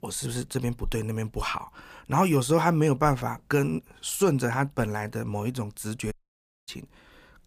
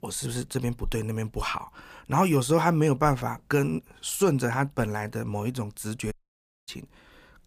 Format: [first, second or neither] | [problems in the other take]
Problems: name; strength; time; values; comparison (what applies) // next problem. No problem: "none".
neither | audio cutting out; at 6 s for 0.5 s; the same in both